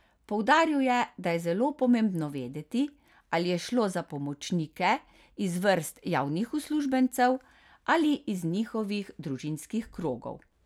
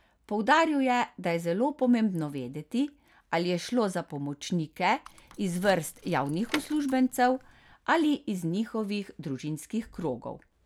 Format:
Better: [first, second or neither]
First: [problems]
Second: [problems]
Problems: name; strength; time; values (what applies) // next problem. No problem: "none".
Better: first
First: none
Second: background sound (Door / Car); 15 dB below the speech